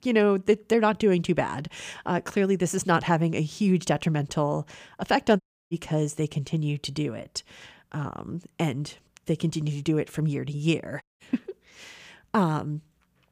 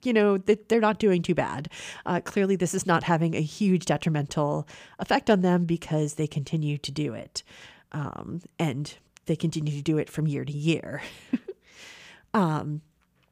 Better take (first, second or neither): second